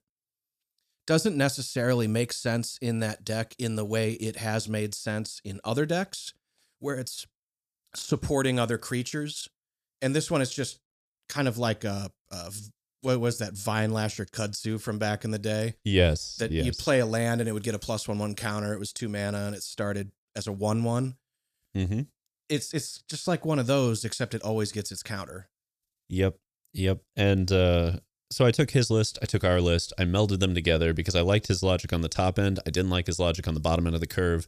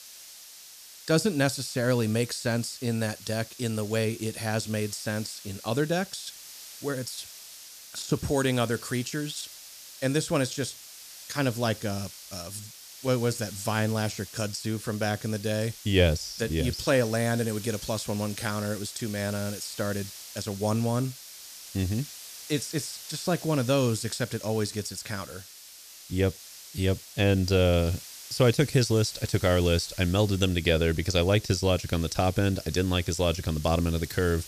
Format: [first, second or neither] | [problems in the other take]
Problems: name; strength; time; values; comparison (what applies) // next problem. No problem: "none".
first | hiss; noticeable; throughout; 15 dB below the speech